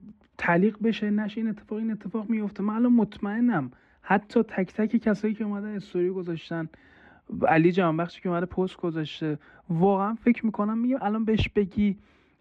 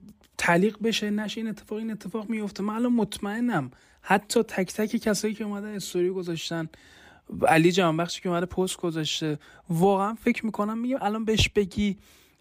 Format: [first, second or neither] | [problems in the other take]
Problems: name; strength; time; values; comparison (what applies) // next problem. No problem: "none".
second | muffled; very; fading above 2 kHz